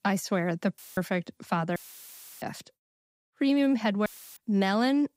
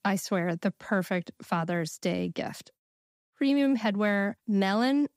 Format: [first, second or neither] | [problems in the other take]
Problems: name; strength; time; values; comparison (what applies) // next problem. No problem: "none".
second | audio cutting out; filled with static; at 1 s, at 2 s for 0.5 s and at 4 s